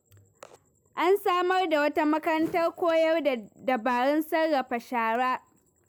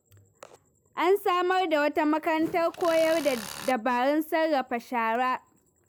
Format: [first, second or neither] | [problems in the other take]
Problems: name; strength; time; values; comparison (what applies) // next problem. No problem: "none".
first | background sound (Tools); 13 dB below the speech